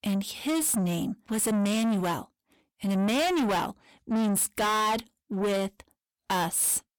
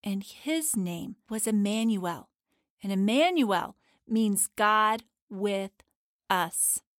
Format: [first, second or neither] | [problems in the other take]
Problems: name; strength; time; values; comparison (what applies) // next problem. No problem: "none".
second | distortion; heavy; 6 dB below the speech